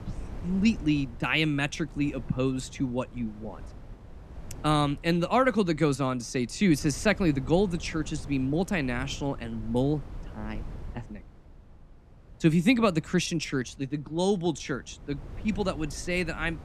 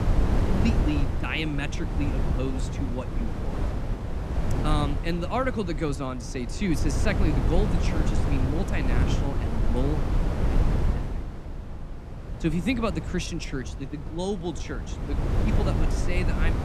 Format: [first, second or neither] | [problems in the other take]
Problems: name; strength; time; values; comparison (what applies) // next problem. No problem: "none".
first | wind noise on the microphone; heavy; 4 dB below the speech; occasional gusts in the first